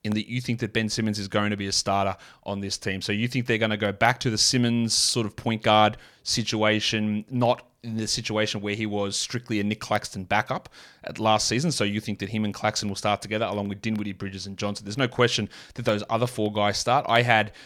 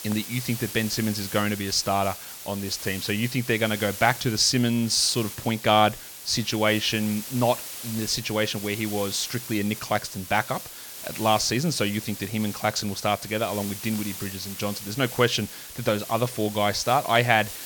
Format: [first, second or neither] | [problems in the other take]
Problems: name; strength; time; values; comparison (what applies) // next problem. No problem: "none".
first | hiss; noticeable; throughout; 10 dB below the speech